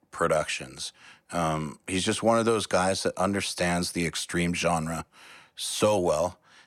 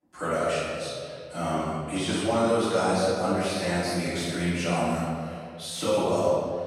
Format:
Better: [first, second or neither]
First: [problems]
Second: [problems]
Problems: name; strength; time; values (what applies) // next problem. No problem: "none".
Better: first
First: none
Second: room echo; strong; dies away in 1.9 s // off-mic speech; far